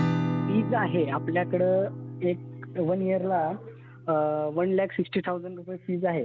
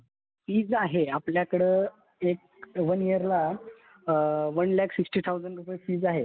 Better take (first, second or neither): second